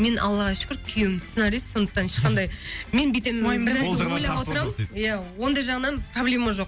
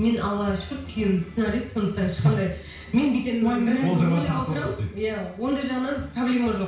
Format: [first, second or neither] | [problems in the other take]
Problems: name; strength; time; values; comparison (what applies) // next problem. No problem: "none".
first | room echo; dies away in 0.6 s